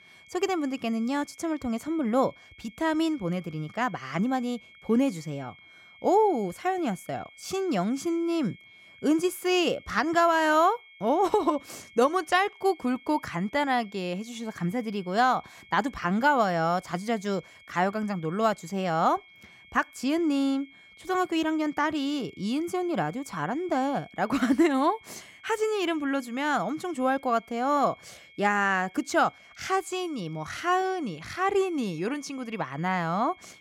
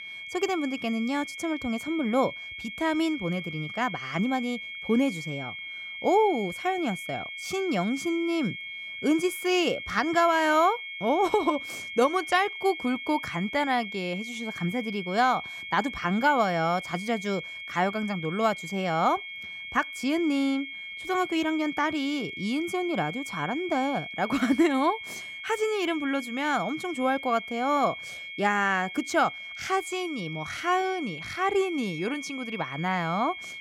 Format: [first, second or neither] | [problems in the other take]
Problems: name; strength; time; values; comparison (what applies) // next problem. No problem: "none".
first | high-pitched whine; loud; throughout; 2 kHz, 9 dB below the speech; faint in the first